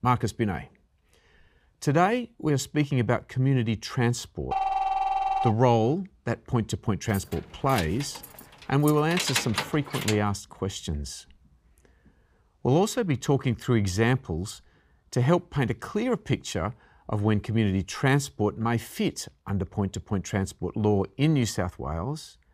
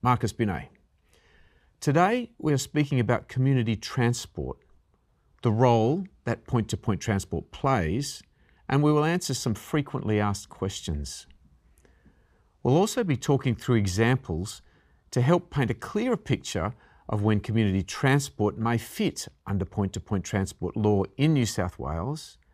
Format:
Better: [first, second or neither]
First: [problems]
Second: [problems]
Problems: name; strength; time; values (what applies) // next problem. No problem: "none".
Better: second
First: phone ringing; loud; from 4.5 to 5.5 s; peak 1 dB above the speech // jangling keys; loud; from 7 to 10 s; peak level with the speech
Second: none